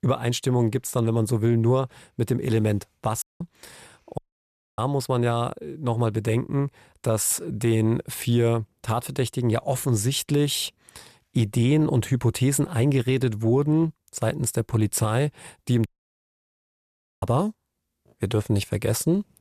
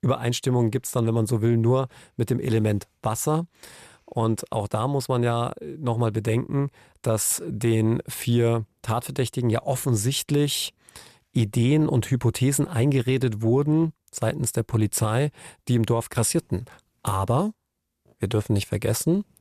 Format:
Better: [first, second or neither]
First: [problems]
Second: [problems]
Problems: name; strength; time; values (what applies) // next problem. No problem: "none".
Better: second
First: audio cutting out; at 3 s, at 4 s for 0.5 s and at 16 s for 1.5 s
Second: none